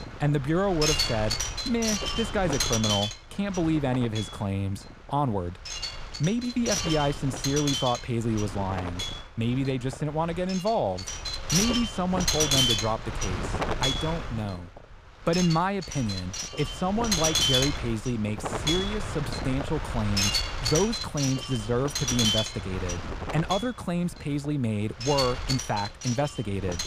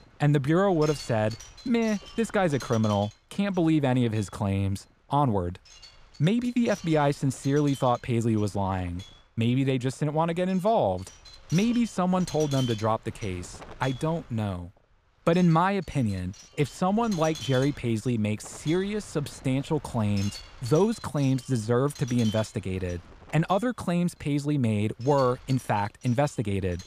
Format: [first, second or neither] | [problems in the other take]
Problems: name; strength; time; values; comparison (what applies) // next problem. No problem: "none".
second | wind noise on the microphone; heavy; 2 dB above the speech; occasional gusts in the second